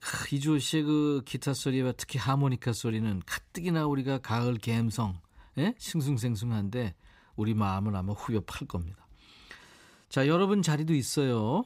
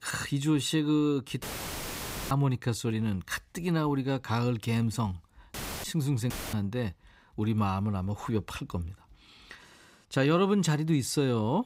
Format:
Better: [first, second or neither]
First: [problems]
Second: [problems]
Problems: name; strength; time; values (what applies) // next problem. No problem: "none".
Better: first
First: none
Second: audio cutting out; filled with static; at 1.5 s for 1 s, at 5.5 s and at 6.5 s